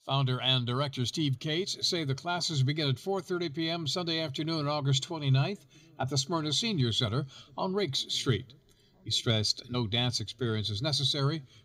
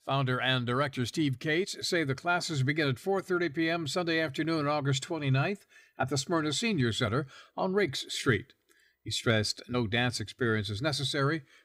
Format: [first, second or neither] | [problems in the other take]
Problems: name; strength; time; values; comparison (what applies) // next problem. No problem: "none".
second | room echo; slight; dies away in 3 s